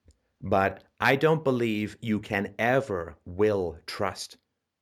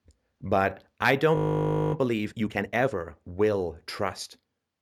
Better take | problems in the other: first | audio freezing; at 1.5 s for 0.5 s

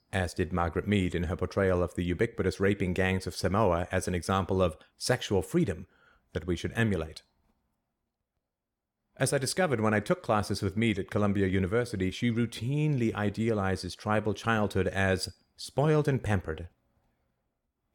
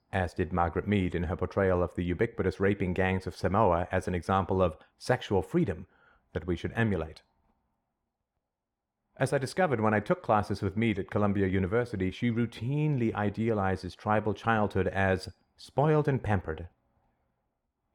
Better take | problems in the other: first | muffled; slightly; fading above 3.5 kHz

